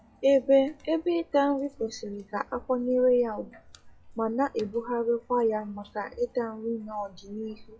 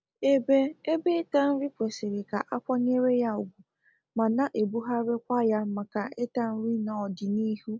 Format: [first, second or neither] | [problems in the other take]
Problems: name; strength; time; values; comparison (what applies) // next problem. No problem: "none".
second | noise reduction (classical method WPE with log-MMSE)